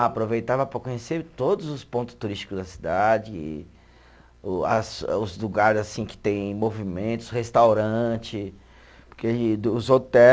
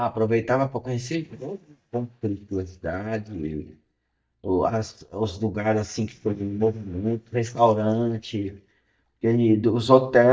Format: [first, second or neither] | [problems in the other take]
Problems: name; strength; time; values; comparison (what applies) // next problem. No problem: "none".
first | noise reduction (neural mask model DeepFilterNet 3)